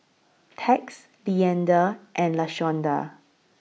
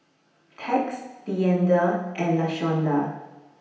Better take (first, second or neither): first